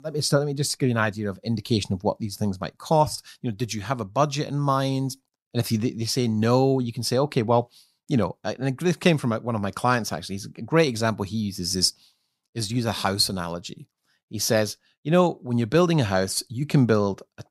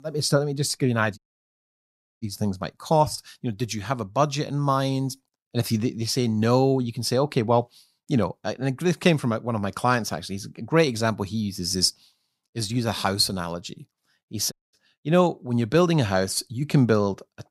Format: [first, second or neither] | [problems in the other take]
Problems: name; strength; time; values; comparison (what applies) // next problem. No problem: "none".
first | audio cutting out; at 1 s for 1 s and at 15 s